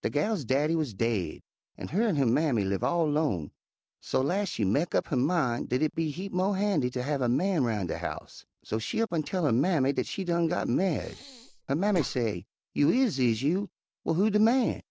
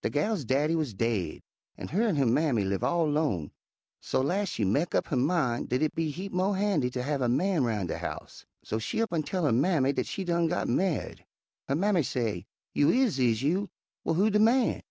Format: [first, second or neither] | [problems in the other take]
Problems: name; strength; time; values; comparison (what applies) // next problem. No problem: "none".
second | noise reduction (neural separator model SepFormer DNS4)